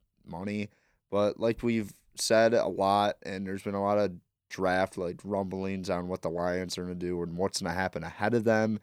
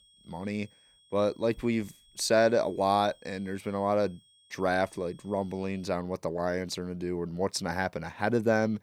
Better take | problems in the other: first | high-pitched whine; faint; until 6 s; 3.5 kHz, 30 dB below the speech

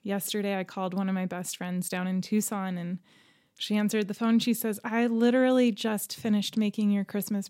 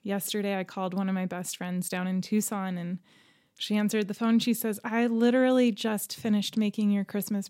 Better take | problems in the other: neither | none

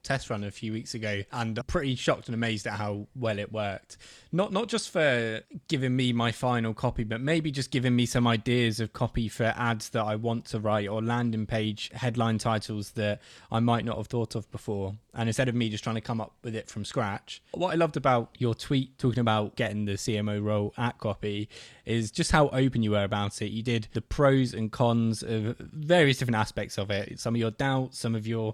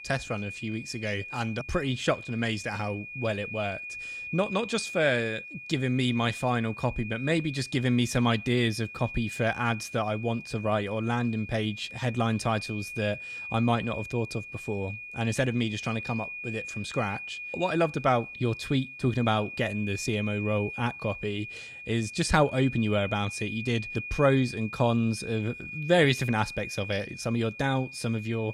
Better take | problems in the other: first | high-pitched whine; loud; throughout; 2.5 kHz, 9 dB below the speech

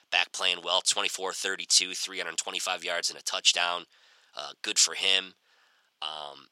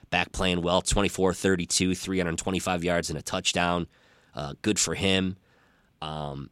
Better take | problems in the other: second | thin; very; fading below 800 Hz

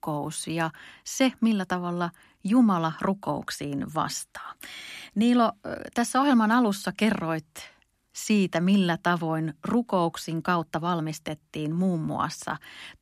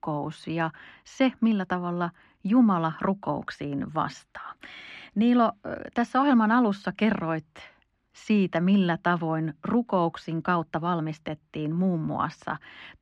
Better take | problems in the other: first | muffled; slightly; fading above 2.5 kHz

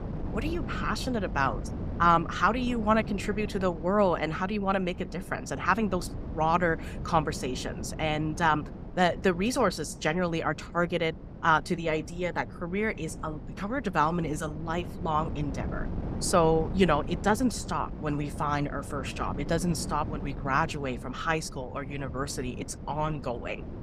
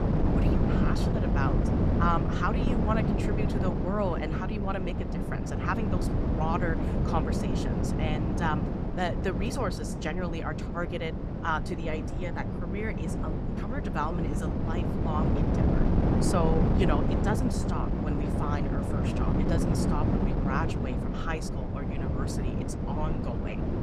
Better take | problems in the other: first | wind noise on the microphone; heavy; 1 dB below the speech; occasional gusts in the first

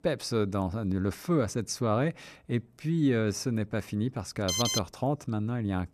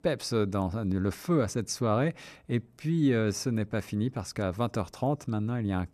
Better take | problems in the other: second | alarm; loud; at 4.5 s; peak 2 dB above the speech

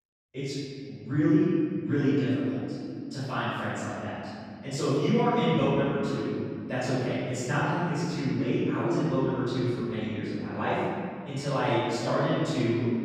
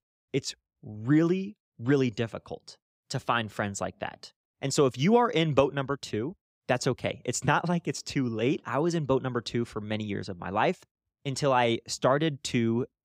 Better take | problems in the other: second | room echo; strong; dies away in 2.8 s // off-mic speech; far

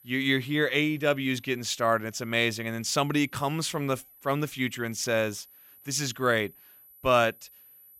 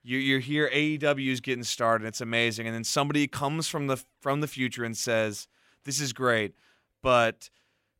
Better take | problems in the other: second | high-pitched whine; faint; throughout; 12 kHz, 25 dB below the speech

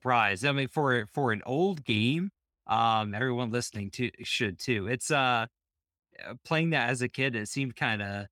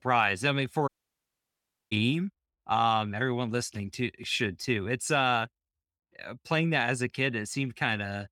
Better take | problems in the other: first | audio cutting out; at 1 s for 1 s

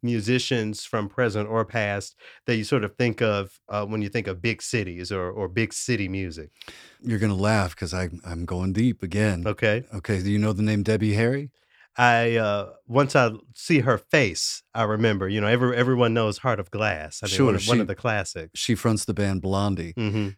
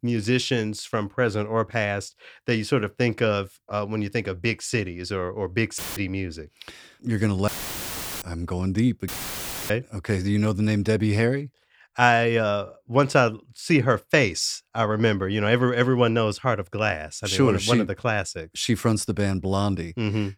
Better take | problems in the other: first | audio cutting out; filled with static; at 6 s, at 7.5 s for 0.5 s and at 9 s for 0.5 s

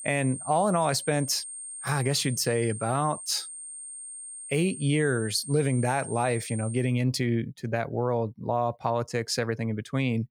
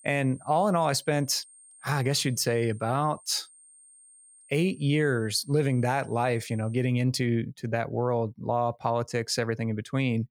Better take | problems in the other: second | high-pitched whine; loud; until 7 s; 8.5 kHz, 10 dB below the speech; faint in the second

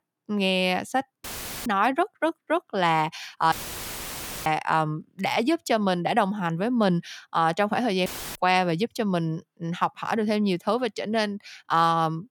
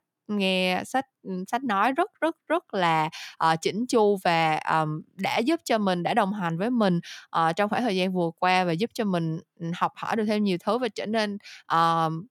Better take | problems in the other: second | audio cutting out; filled with static; at 1 s, at 3.5 s for 1 s and at 8 s

